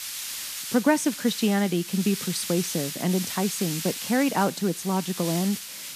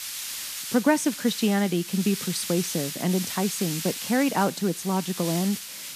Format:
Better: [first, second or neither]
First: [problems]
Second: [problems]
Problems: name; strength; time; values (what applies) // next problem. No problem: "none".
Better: neither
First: hiss; loud; throughout; 6 dB below the speech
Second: hiss; loud; throughout; 6 dB below the speech